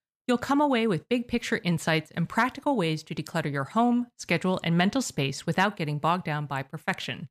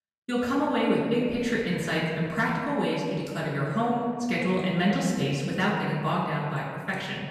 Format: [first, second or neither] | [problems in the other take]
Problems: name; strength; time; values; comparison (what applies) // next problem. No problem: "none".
first | off-mic speech; far // room echo; noticeable; dies away in 1.9 s